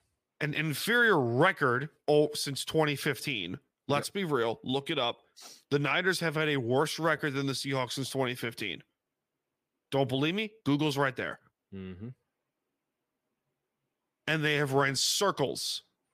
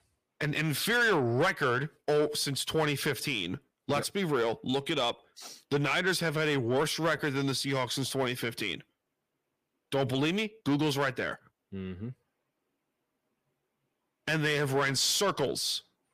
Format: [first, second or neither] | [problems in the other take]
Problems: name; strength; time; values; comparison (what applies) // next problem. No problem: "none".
first | distortion; slight; 10 dB below the speech